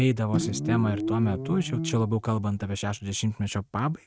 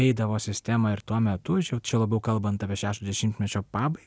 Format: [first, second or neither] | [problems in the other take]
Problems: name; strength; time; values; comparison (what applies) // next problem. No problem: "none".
second | noise reduction (neural mask model RNNoise)